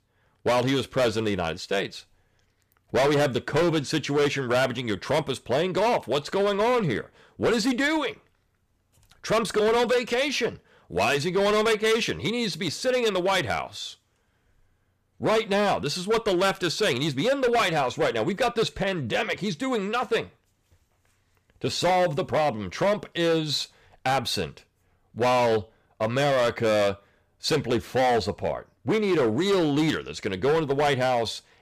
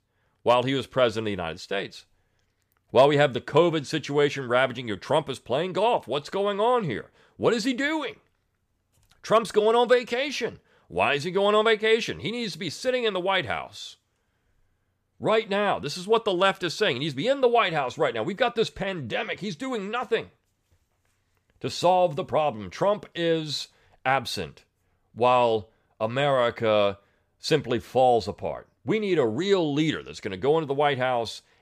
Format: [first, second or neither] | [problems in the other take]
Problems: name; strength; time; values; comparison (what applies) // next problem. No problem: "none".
second | distortion; heavy; 12% of the sound clipped